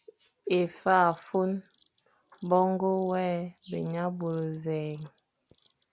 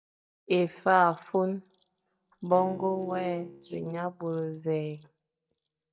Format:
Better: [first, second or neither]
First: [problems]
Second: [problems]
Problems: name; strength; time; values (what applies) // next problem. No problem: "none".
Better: first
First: none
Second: noise reduction (neural mask model DeepFilterNet 3)